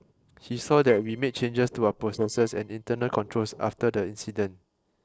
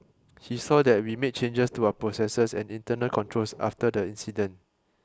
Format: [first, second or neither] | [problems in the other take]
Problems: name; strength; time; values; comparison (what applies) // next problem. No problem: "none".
second | noise reduction (neural separator model SepFormer DNS4)